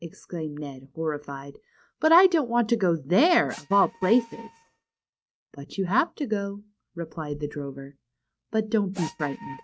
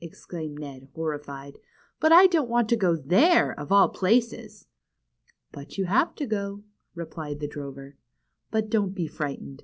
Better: second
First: noise reduction (neural mask model RNNoise)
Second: none

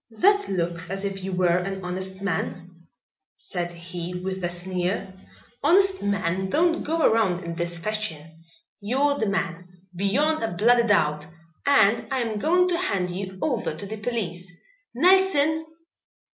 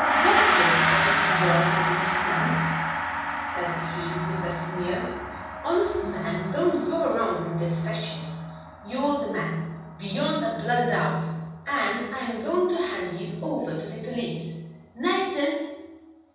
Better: first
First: none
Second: background sound (Gong); 1 dB below the speech // room echo; dies away in 1.2 s

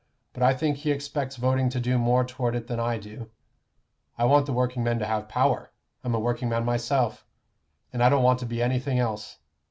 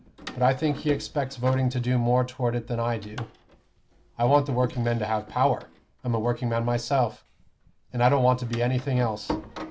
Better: first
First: none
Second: background sound (Door); 16 dB below the speech

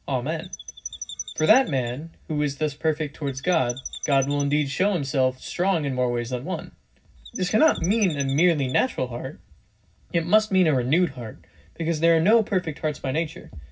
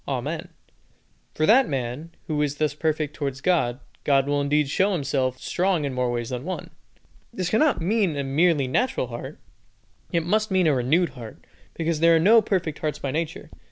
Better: second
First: background sound (Chirp, tweet); 14 dB below the speech // room echo; dies away in 0.4 s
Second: none

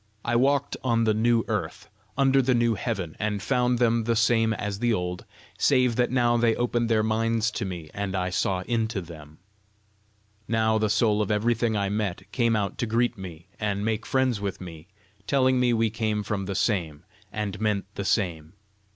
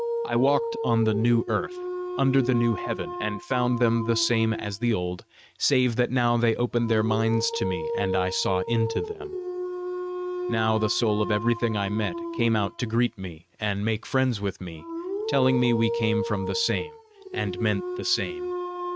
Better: first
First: none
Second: noise reduction (neural mask model RNNoise)

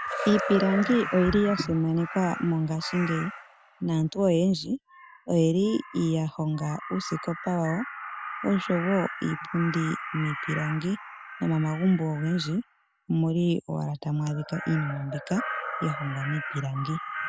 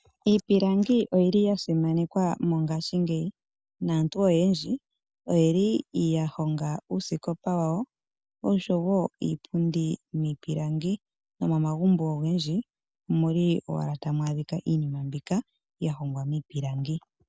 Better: second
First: background sound (Crow); 10 dB below the speech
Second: none

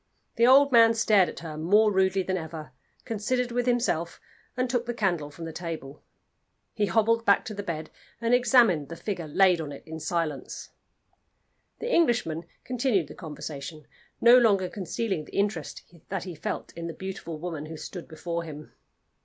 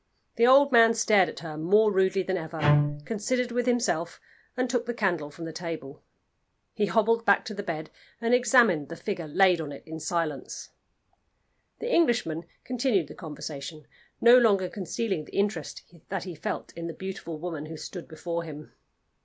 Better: first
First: none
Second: background sound (Bowed string instrument); 1 dB below the speech

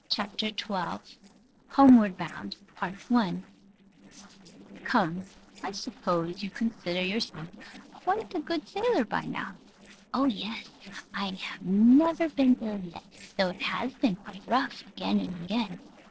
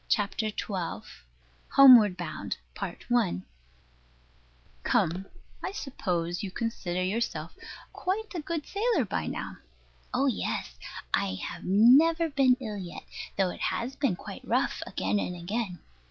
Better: second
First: noise reduction (neural separator model SepFormer DNS4)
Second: none

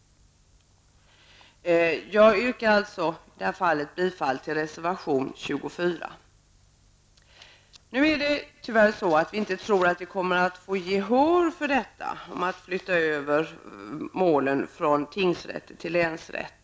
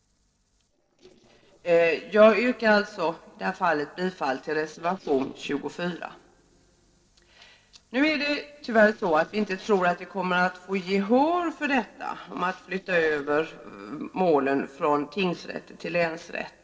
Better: first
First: none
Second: noise reduction (neural separator model SepFormer DNS4)

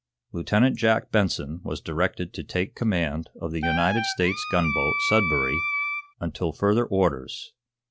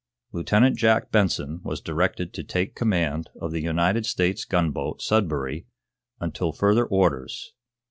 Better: second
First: background sound (Wind instrument, woodwind instrument); 2 dB below the speech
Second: none

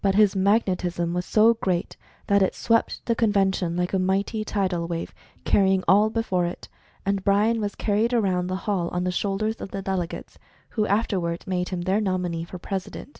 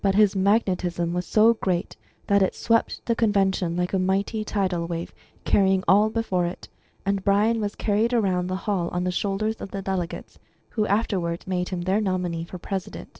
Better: first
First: none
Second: noise reduction (neural separator model SepFormer DNS4)

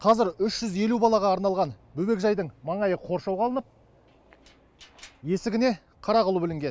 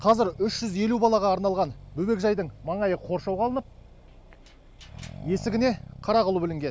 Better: first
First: none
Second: background sound (Accelerating, revving, vroom); 18 dB below the speech

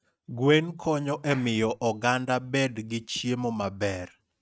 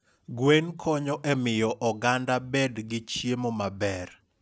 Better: second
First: noise reduction (neural mask model RNNoise)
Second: none

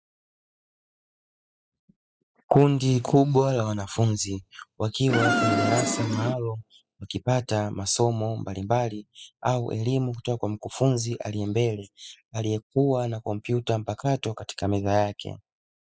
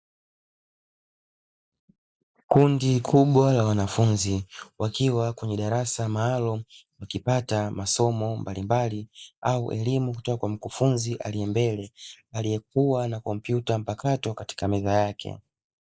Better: second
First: noise reduction (classical method spectral subtraction)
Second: none

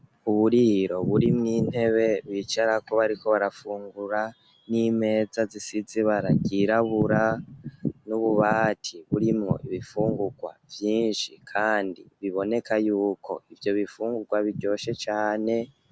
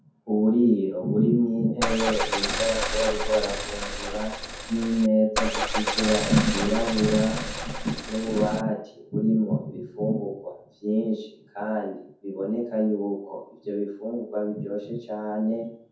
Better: first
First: none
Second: background sound (Car); 3 dB below the speech // room echo; dies away in 0.6 s

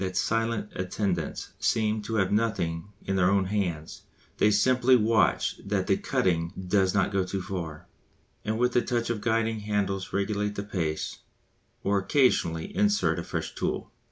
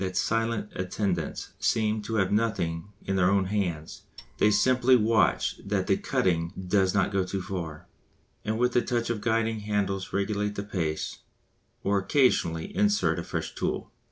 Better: first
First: none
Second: noise reduction (neural separator model SepFormer DNS4)

